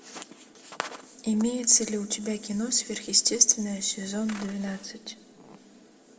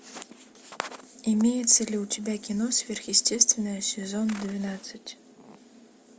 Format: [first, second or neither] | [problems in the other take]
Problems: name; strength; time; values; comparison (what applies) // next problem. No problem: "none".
second | room echo; dies away in 1.8 s